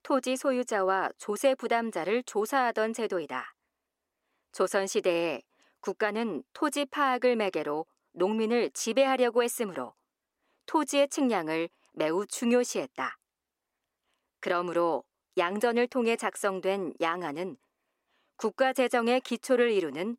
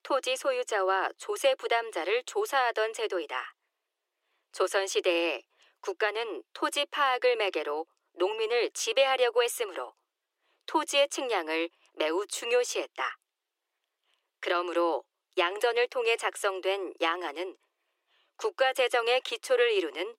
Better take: first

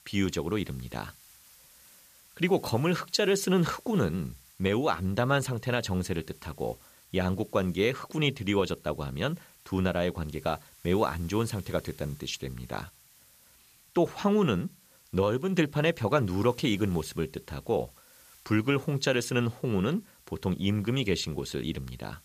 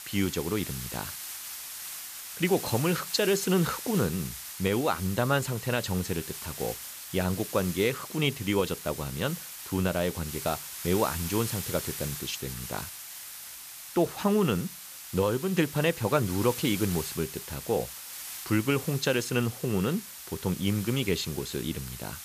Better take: first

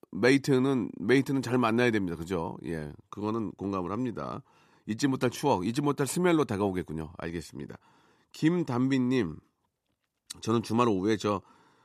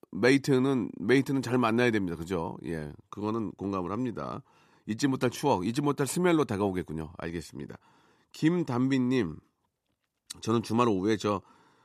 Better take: neither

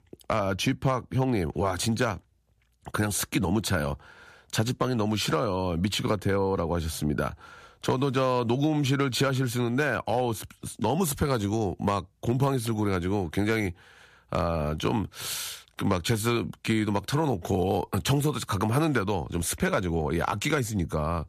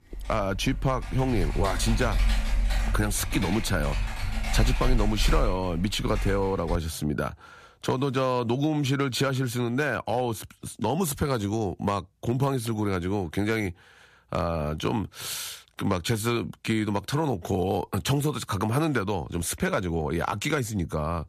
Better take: first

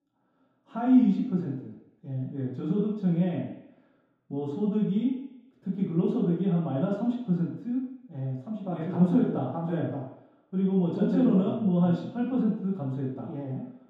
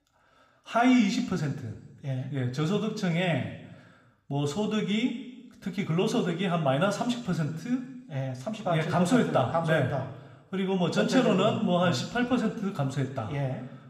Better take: second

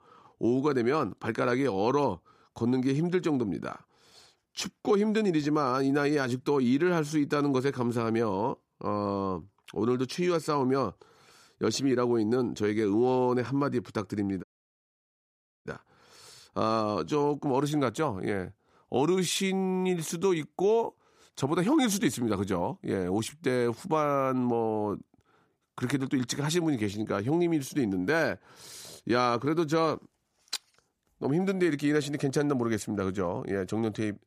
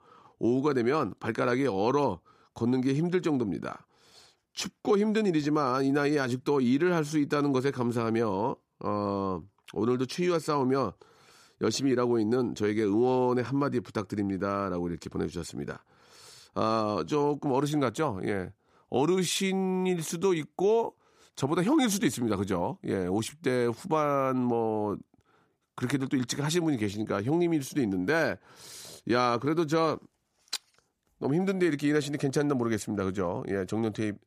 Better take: second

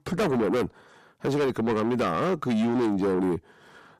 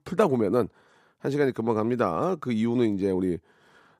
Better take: second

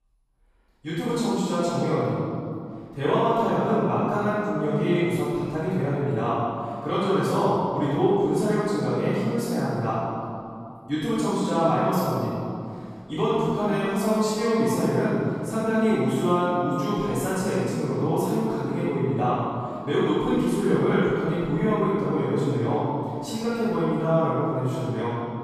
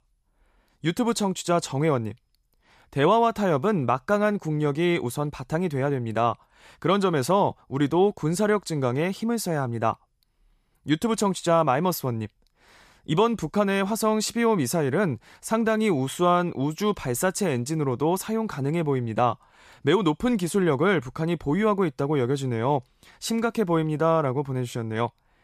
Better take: second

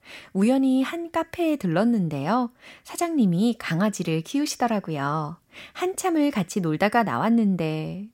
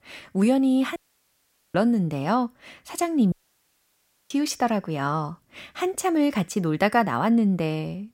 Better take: first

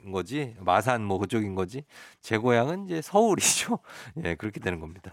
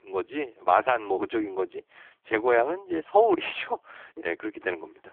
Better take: first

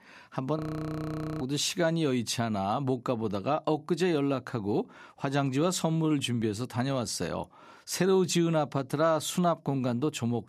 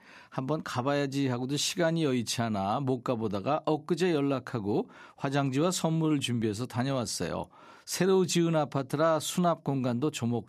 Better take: second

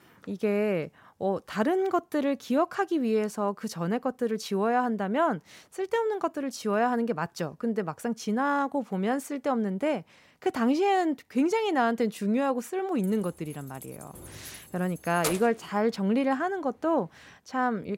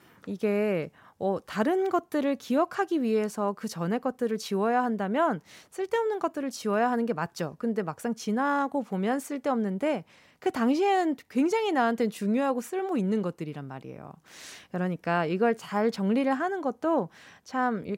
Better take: second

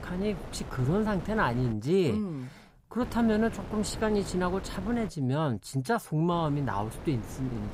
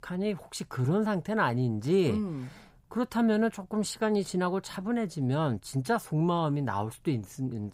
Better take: second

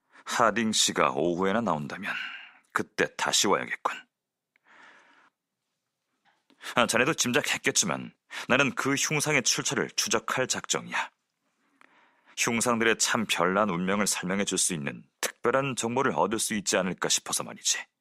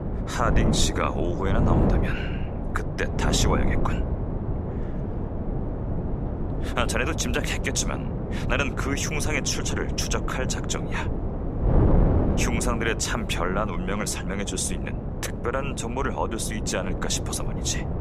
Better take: first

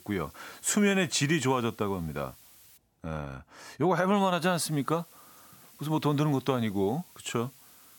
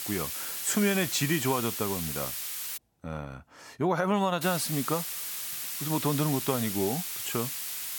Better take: first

